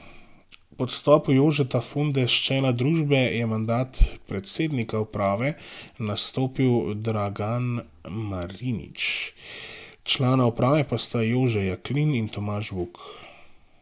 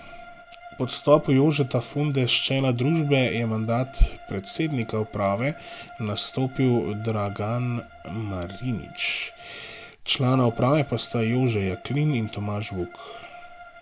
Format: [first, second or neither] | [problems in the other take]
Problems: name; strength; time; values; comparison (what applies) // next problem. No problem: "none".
first | background sound (Bowed string instrument); 19 dB below the speech